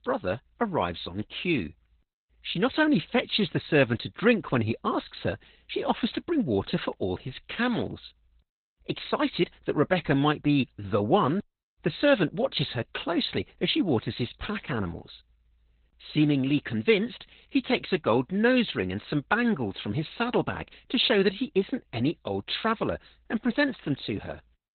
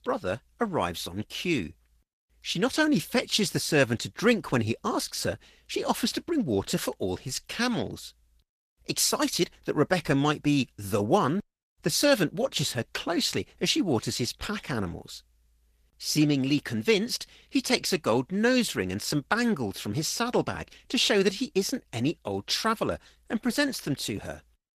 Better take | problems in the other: second | garbled, watery; badly; nothing above 4 kHz; slightly in the second

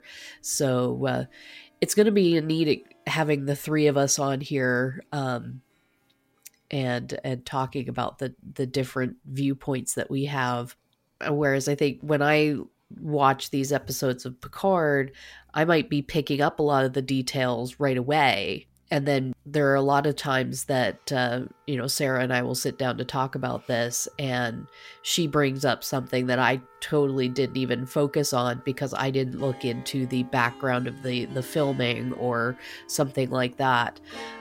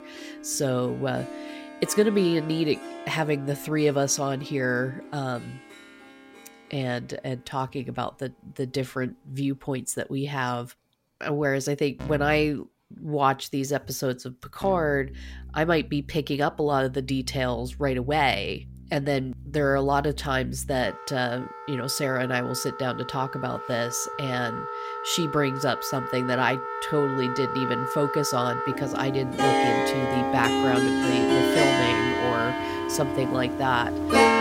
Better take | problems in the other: first | background music; loud; throughout; 2 dB below the speech; faint in the first

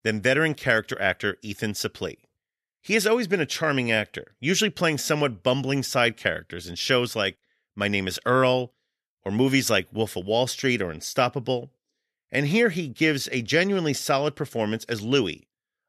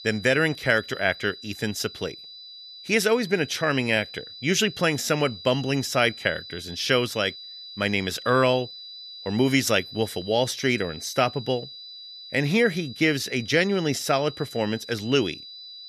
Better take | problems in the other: first | high-pitched whine; noticeable; throughout; 4 kHz, 15 dB below the speech

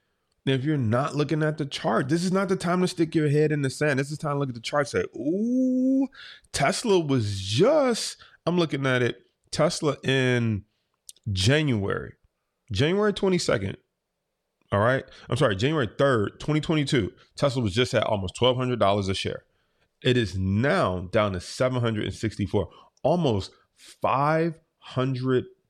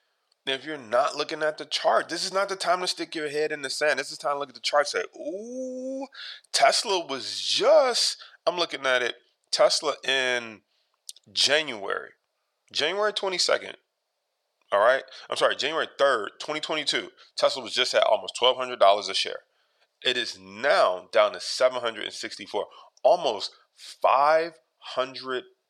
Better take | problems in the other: first | thin; very; fading below 700 Hz

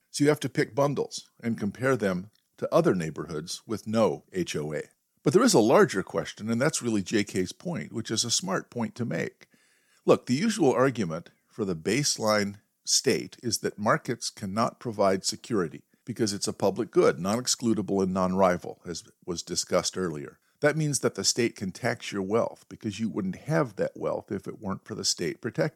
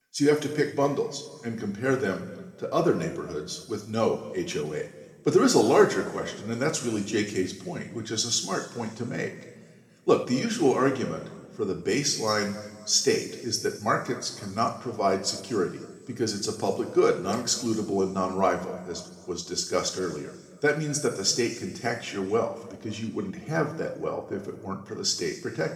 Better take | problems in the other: first | room echo; noticeable; dies away in 1.6 s // off-mic speech; somewhat distant

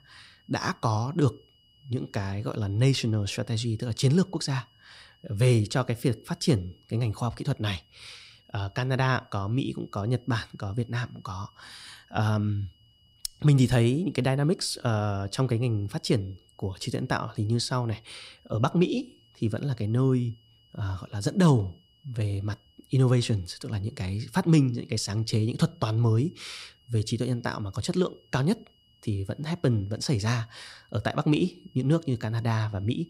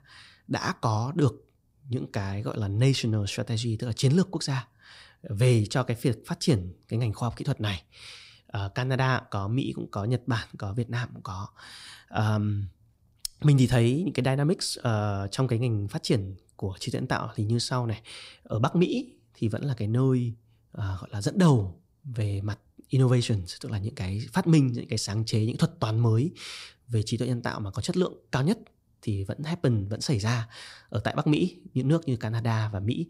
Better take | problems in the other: second | high-pitched whine; faint; throughout; 3 kHz, 35 dB below the speech

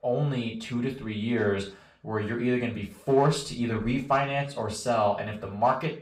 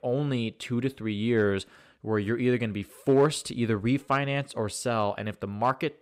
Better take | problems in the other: second | room echo; slight; dies away in 0.3 s // off-mic speech; far

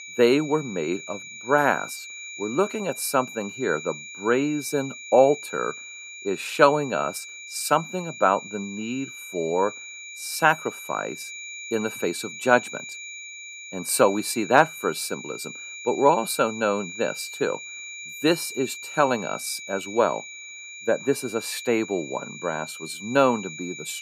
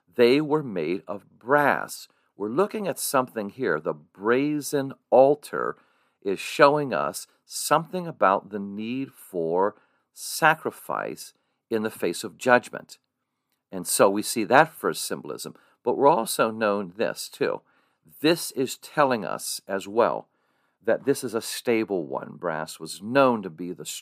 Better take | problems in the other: second | high-pitched whine; noticeable; throughout; 2.5 kHz, 10 dB below the speech

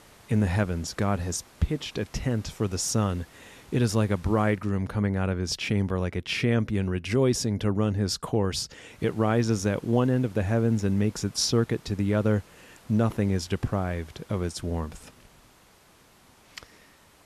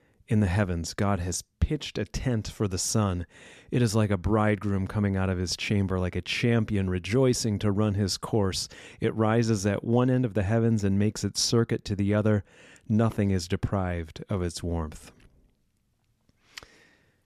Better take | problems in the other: second | hiss; faint; until 4.5 s and from 9 s on; 25 dB below the speech

